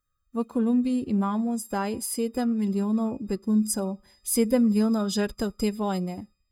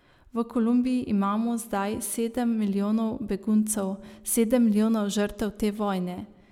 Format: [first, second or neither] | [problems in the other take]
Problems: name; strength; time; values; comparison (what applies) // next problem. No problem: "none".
second | noise reduction (neural mask model DeepFilterNet 3)